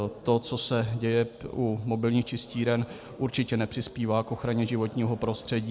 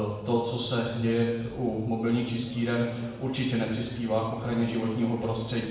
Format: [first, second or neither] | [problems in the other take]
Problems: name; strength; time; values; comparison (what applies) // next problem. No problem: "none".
first | room echo; dies away in 1.1 s